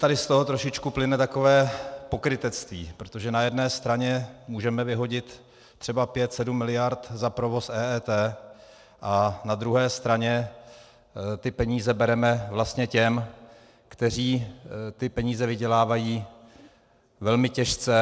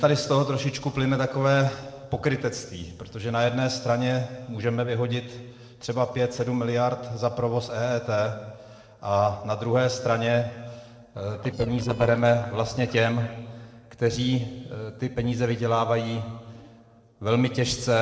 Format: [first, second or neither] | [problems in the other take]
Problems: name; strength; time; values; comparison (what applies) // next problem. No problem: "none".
first | noise reduction (neural separator model SepFormer DNS4)